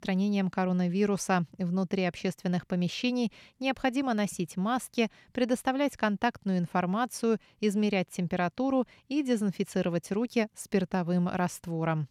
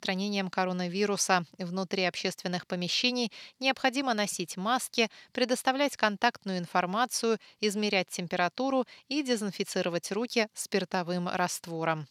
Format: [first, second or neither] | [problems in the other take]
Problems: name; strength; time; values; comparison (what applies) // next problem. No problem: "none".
first | thin; very slightly; fading below 1 kHz